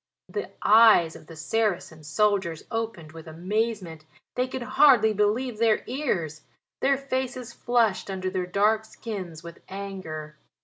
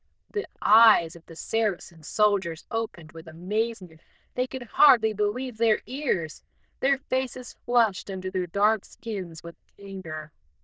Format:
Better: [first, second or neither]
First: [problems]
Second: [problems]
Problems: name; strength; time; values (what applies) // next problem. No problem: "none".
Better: first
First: none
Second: noise reduction (neural diffusion model UNIVERSE++)